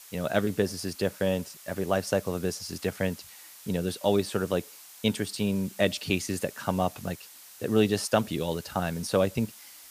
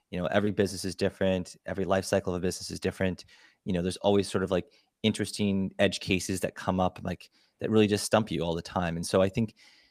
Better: second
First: hiss; noticeable; throughout; 15 dB below the speech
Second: none

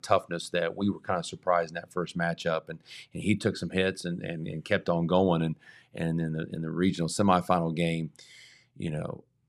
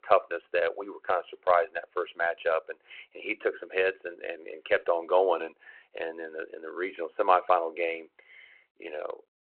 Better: first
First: none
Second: phone-call audio

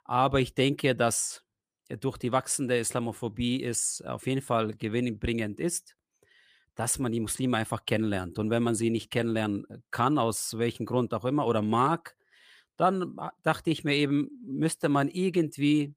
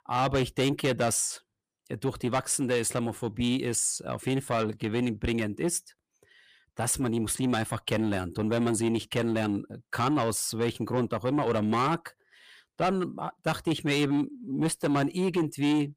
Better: first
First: none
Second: distortion; slight; 10 dB below the speech

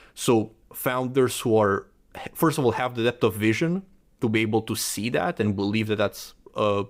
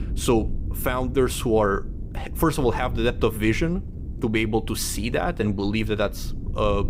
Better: first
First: none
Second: wind noise on the microphone; occasional gusts; 20 dB below the speech

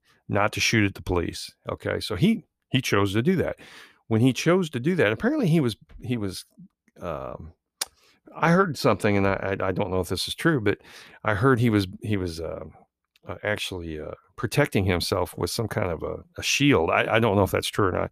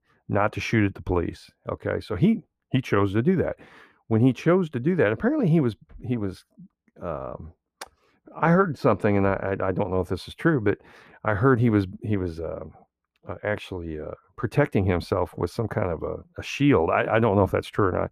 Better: first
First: none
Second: muffled; slightly; fading above 2.5 kHz

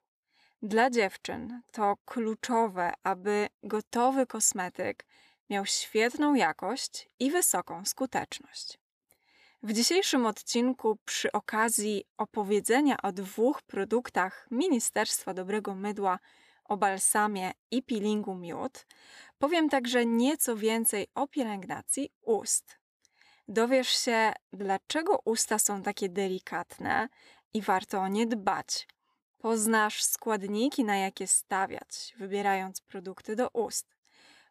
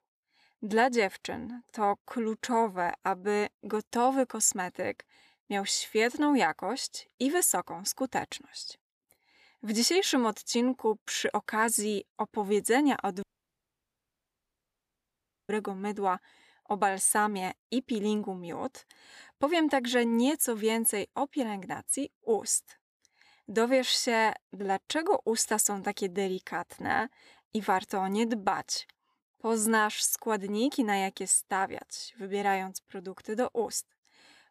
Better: first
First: none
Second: audio cutting out; at 13 s for 2.5 s

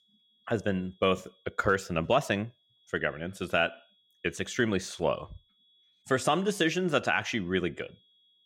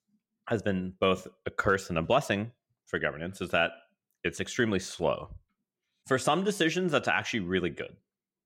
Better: second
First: high-pitched whine; faint; throughout; 3.5 kHz, 35 dB below the speech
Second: none

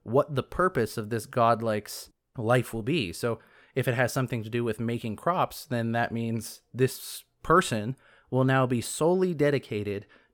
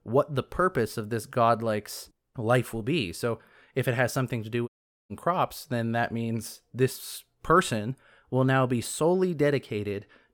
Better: first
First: none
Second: audio cutting out; at 4.5 s

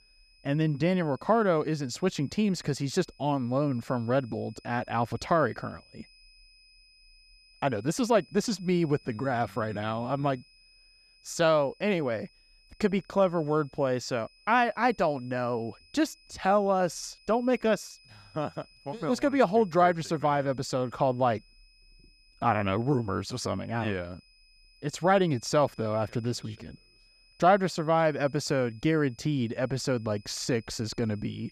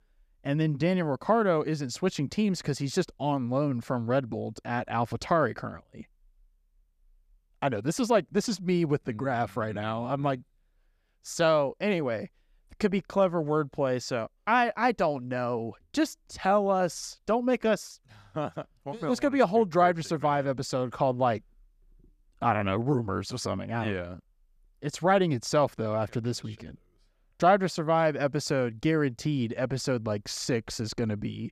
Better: second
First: high-pitched whine; faint; throughout; 5 kHz, 30 dB below the speech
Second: none

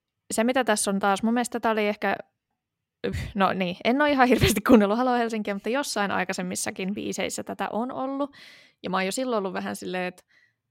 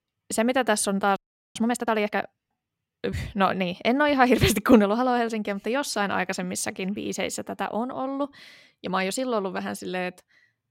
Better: first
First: none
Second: audio freezing; at 1 s

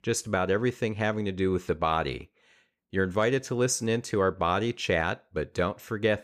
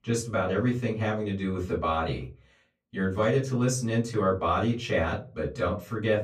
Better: first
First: none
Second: off-mic speech; far // room echo; very slight; dies away in 0.3 s

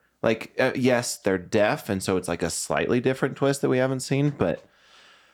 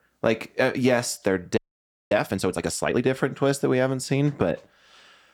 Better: first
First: none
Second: audio freezing; at 1.5 s for 0.5 s

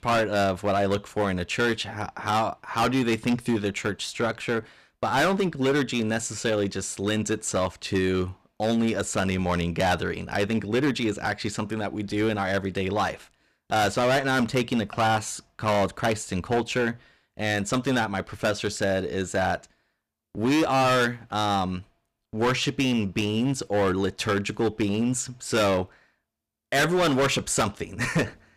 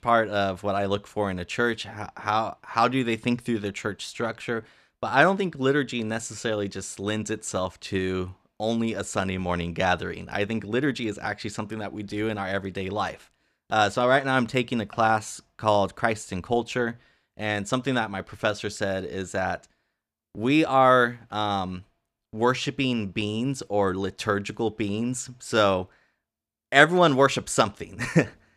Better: second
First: distortion; heavy; 10% of the sound clipped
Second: none

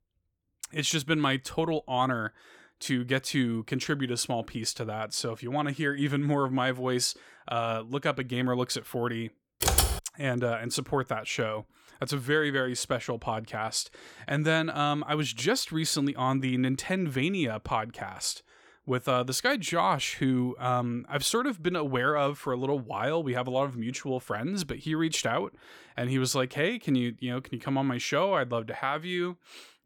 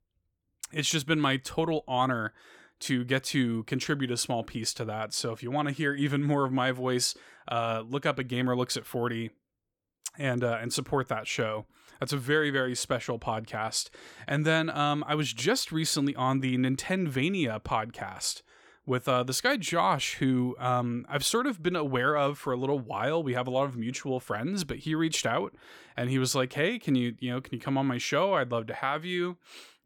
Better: second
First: keyboard typing; loud; at 9.5 s; peak 5 dB above the speech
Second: none

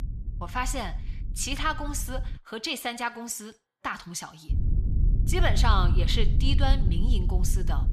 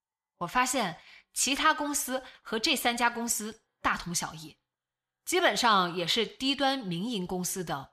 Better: second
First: low rumble; noticeable; until 2.5 s and from 4.5 s on; 15 dB below the speech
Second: none

